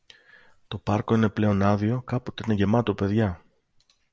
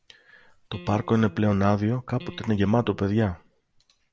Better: first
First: none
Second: background sound (Electric guitar); 19 dB below the speech

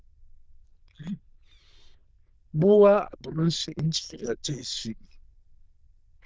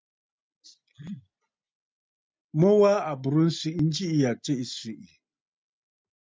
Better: second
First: noise reduction (neural diffusion model UNIVERSE++)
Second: none

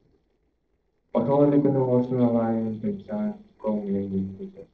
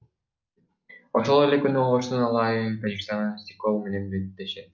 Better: second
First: noise reduction (neural separator model SepFormer DNS4)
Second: none

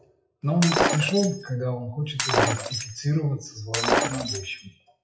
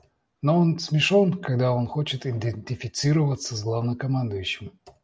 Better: second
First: noise reduction (classical method WPE with log-MMSE)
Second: none

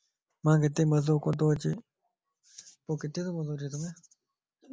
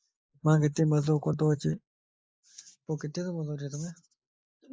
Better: first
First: none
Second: noise reduction (neural mask model Resemble Enhance denoiser)

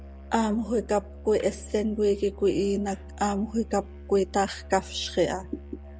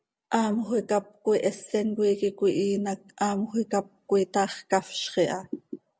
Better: second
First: background sound (Musical instrument); 15 dB below the speech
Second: none

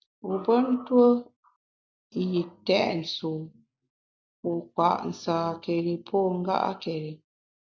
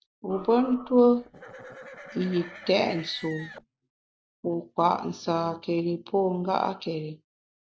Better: first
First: none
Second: background sound (Livestock, farm animals, working animals); 18 dB below the speech

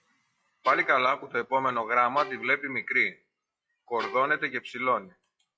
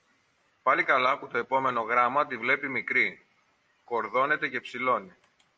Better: second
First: noise reduction (classical method log-MMSE)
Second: none

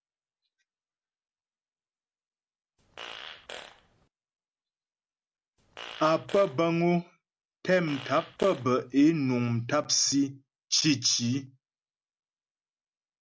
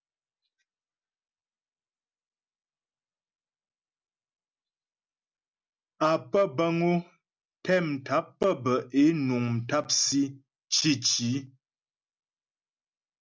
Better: second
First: background sound (Fart); 15 dB below the speech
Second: none

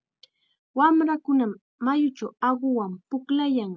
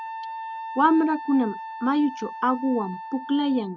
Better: first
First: none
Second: background sound (Wind instrument, woodwind instrument); 11 dB below the speech

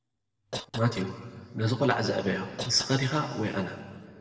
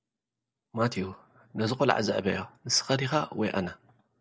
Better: second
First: background sound (Cough); 14 dB below the speech // room echo; dies away in 1.8 s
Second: none

